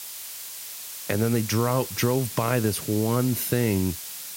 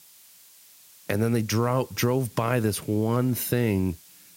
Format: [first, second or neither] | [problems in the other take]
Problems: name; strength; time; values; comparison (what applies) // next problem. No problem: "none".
second | hiss; loud; throughout; 9 dB below the speech; faint in the second